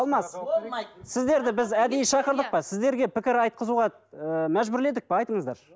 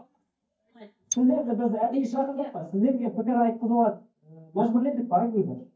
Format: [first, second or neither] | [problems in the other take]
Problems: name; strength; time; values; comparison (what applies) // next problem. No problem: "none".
first | noise reduction (neural mask model DeepFilterNet 3)